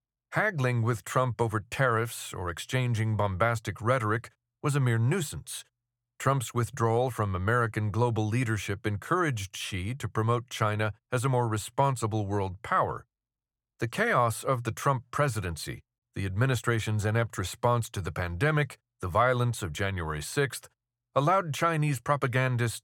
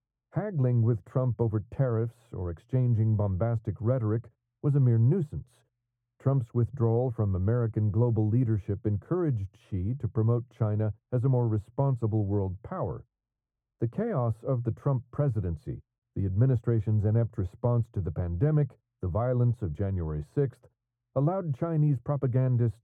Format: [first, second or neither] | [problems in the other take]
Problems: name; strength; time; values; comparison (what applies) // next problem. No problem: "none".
first | muffled; very; fading above 1 kHz